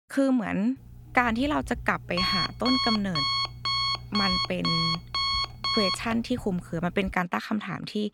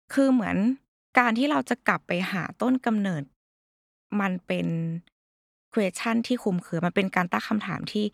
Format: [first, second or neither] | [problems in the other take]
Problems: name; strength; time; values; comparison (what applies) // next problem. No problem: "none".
second | alarm; loud; from 1 to 7 s; peak 3 dB above the speech